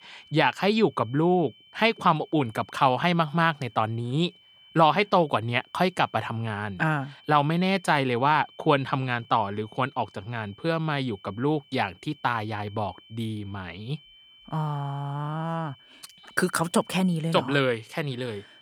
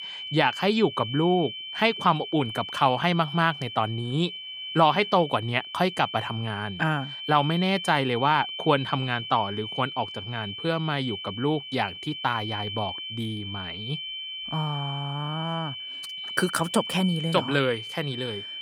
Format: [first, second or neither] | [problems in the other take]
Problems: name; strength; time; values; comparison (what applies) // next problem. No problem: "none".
first | high-pitched whine; loud; throughout; 3 kHz, 8 dB below the speech; faint in the first